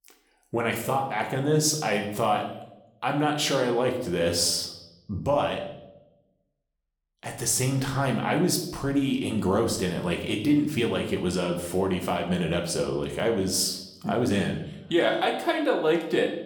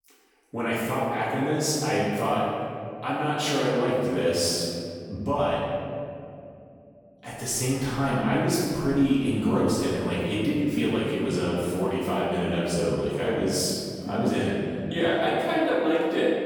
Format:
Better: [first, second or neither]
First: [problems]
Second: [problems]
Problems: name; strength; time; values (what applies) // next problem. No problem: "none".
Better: first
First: room echo; slight; dies away in 0.7 s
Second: room echo; strong; dies away in 2.5 s // off-mic speech; far